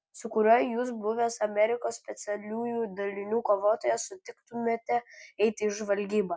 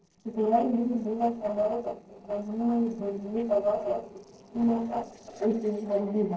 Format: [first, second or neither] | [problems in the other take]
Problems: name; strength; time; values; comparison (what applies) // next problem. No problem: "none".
first | noise reduction (neural separator model SepFormer DNS4)